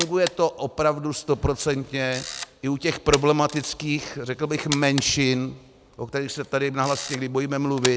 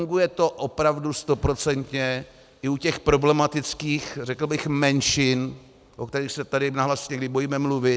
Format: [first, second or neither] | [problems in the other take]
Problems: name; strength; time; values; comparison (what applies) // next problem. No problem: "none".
second | background sound (Camera); 12 dB below the speech